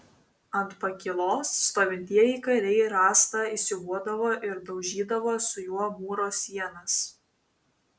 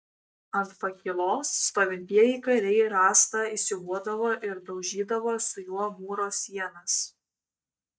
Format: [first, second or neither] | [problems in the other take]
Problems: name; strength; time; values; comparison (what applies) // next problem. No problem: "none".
first | noise reduction (neural mask model DeepFilterNet 3)